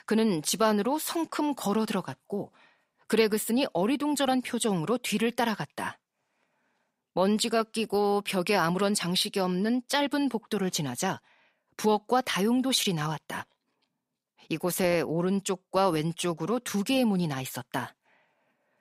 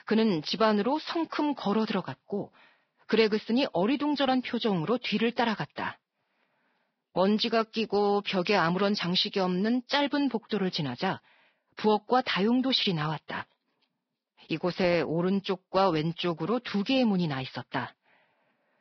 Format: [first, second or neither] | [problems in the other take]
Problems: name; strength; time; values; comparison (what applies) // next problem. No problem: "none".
first | garbled, watery; badly; nothing above 5.5 kHz